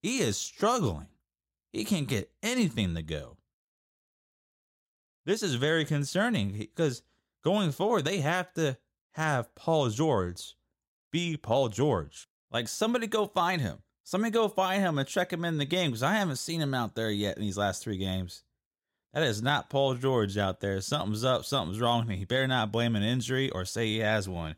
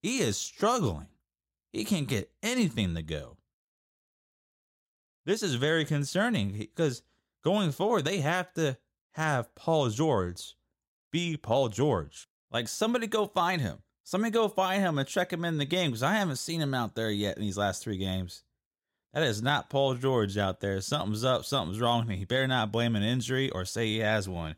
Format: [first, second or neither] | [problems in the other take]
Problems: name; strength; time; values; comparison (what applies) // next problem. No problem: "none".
neither | none